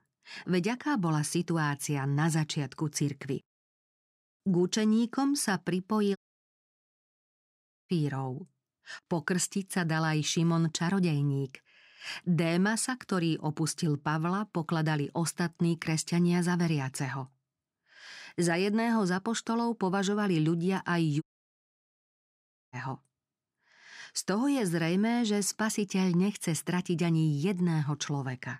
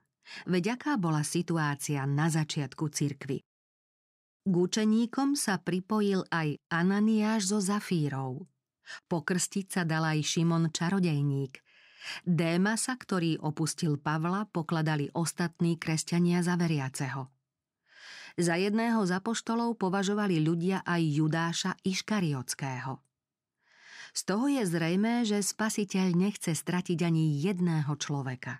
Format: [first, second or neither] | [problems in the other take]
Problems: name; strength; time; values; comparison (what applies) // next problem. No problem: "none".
second | audio cutting out; at 6 s for 1.5 s and at 21 s for 1.5 s